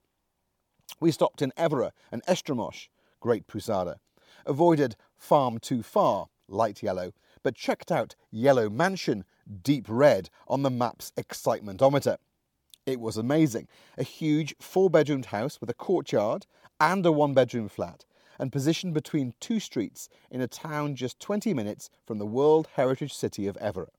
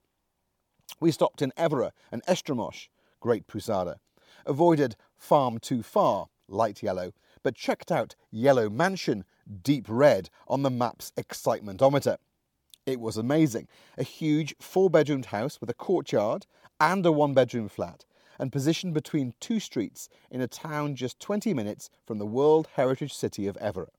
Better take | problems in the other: neither | none

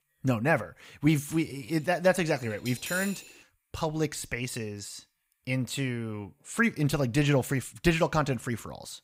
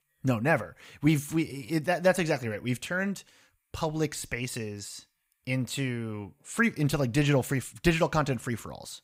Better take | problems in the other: second | clattering dishes; noticeable; from 1.5 to 3.5 s; peak 8 dB below the speech

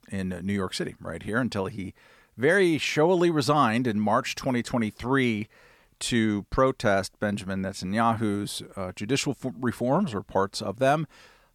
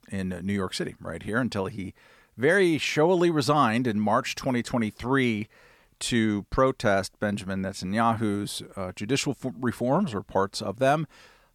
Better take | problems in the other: neither | none

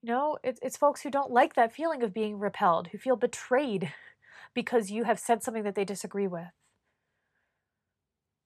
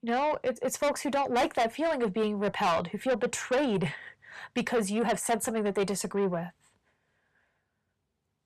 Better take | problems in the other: first | distortion; heavy; 5 dB below the speech

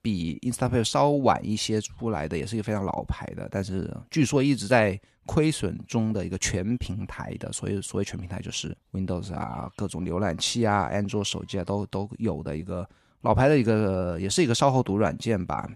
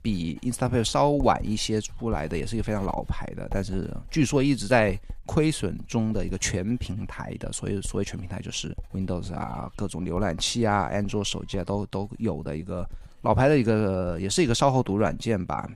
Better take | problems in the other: first | household noises; noticeable; throughout; 20 dB below the speech

